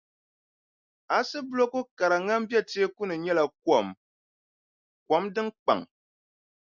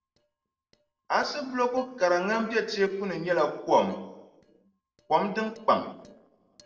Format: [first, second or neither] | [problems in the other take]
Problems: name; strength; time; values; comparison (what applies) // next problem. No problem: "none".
first | noise reduction (neural separator model SepFormer DNS4)